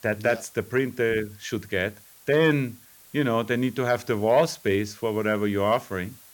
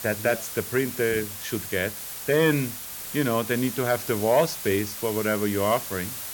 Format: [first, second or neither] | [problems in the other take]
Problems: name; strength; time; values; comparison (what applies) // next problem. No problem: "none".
first | hiss; loud; throughout; 7 dB below the speech; faint in the first